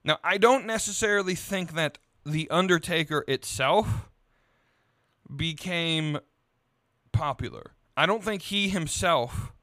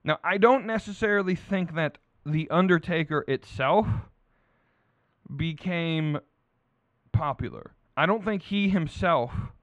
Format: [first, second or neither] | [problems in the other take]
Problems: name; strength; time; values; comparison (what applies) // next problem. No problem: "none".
first | muffled; very; fading above 2 kHz